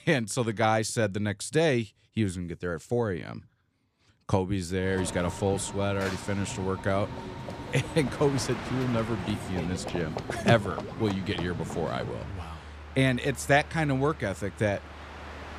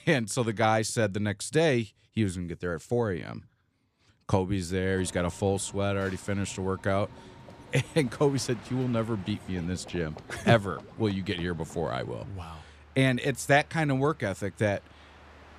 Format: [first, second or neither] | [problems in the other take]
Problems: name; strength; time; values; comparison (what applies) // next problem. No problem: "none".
second | train or aircraft noise; loud; from 5 s on; 10 dB below the speech; faint in the second